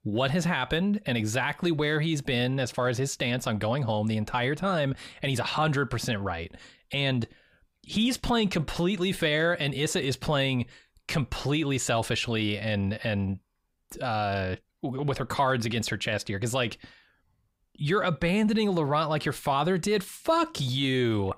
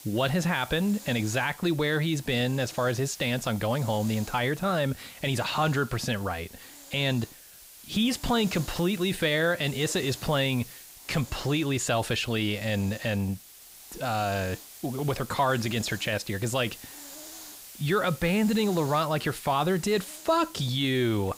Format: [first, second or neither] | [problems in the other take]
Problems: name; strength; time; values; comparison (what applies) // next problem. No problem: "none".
first | hiss; noticeable; throughout; 15 dB below the speech